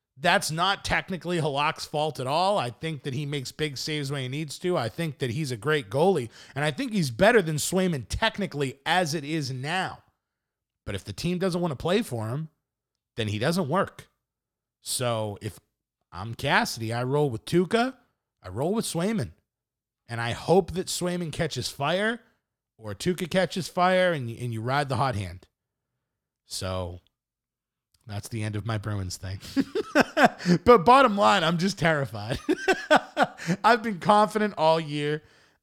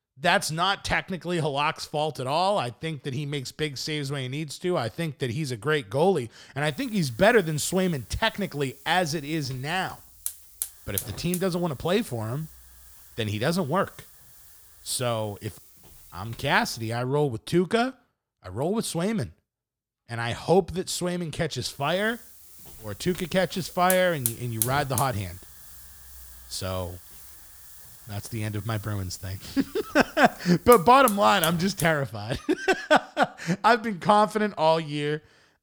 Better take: first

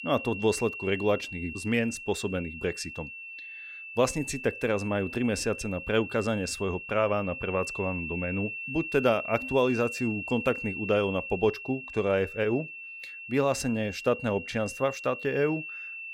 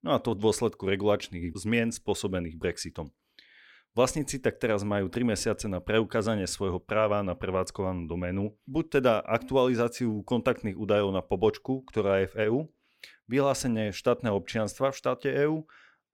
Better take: second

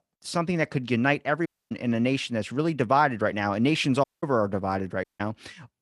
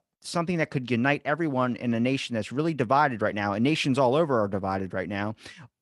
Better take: second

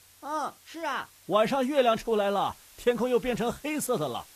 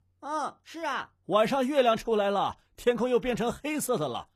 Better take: second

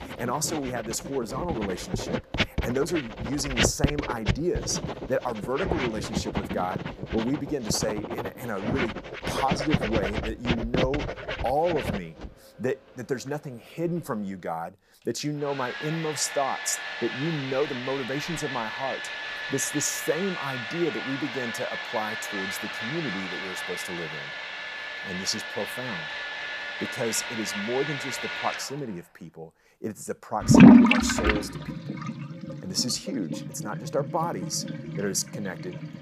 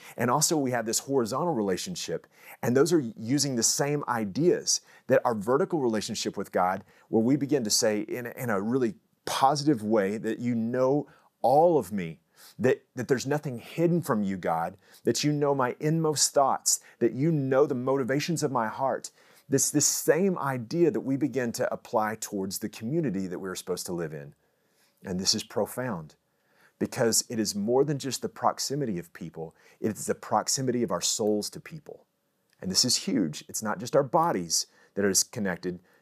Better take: second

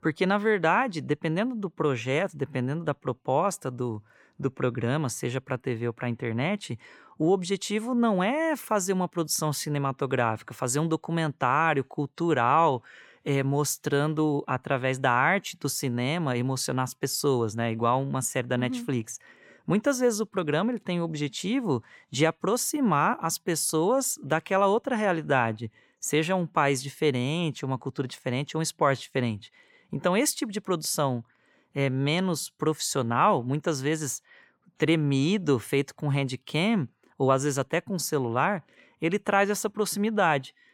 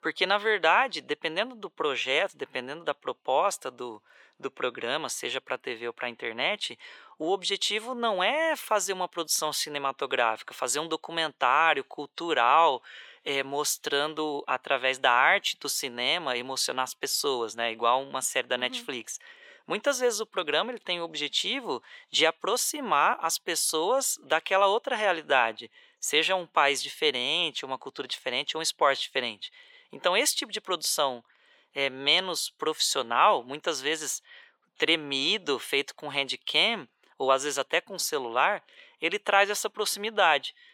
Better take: first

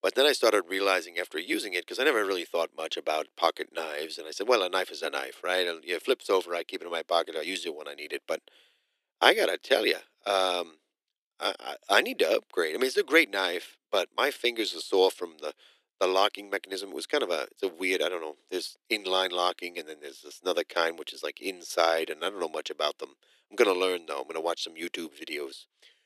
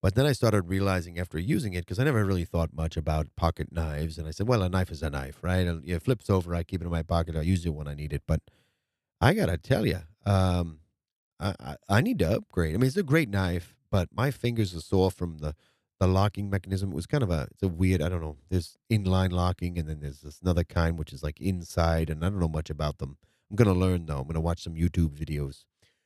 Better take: second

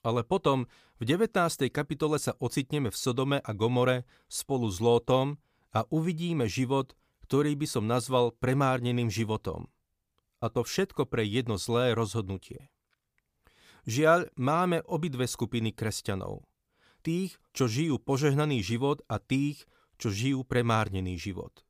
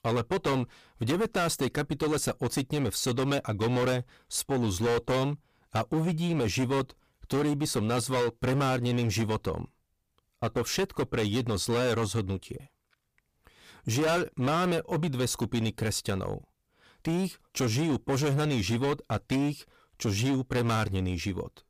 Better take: first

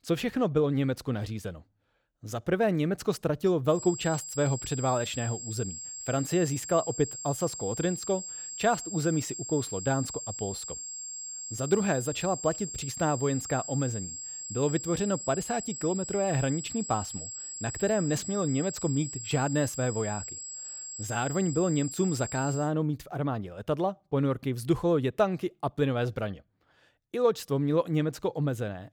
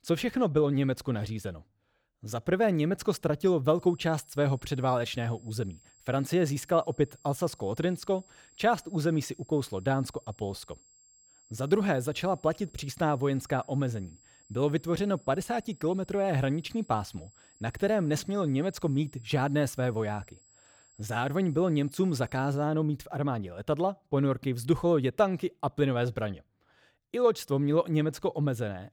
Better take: second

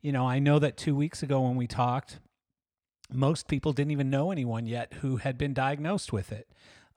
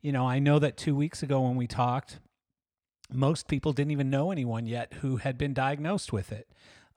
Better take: neither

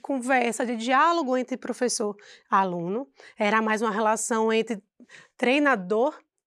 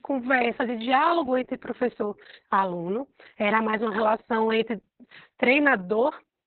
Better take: first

